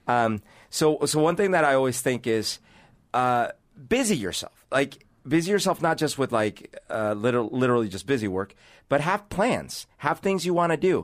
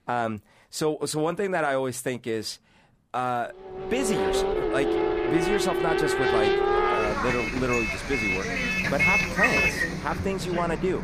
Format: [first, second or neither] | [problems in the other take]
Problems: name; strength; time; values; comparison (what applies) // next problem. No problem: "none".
first | traffic noise; very loud; from 4 s on; 4 dB above the speech